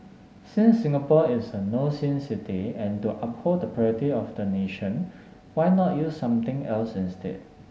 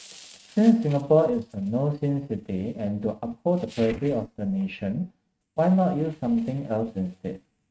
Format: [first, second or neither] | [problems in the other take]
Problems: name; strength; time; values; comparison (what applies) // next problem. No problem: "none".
first | noise reduction (neural mask model RNNoise)